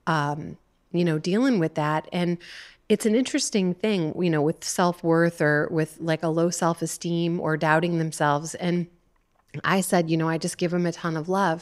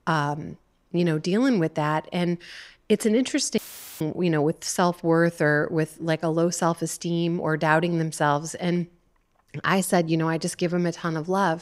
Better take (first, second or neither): first